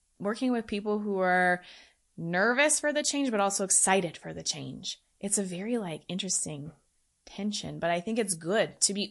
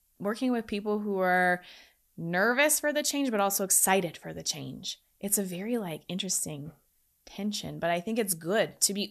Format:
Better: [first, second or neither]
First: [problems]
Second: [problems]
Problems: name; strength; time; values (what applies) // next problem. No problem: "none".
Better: second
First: garbled, watery; slightly; nothing above 11 kHz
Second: none